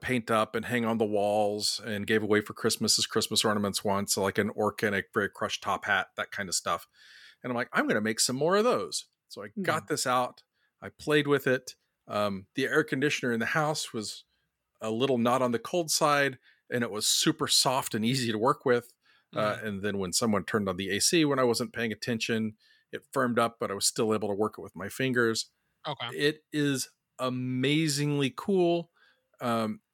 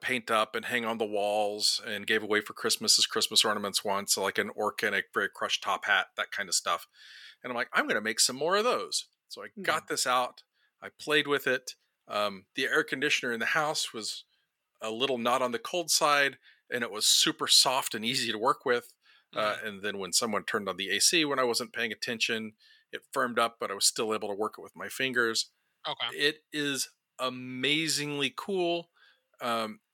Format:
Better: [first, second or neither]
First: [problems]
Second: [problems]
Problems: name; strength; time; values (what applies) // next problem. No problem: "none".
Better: first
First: none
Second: thin; very slightly; fading below 1 kHz